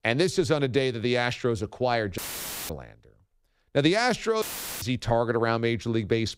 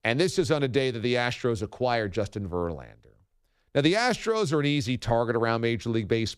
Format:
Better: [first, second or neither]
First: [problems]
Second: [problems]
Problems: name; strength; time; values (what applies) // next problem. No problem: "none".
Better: second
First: audio cutting out; filled with static; at 2 s for 0.5 s and at 4.5 s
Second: none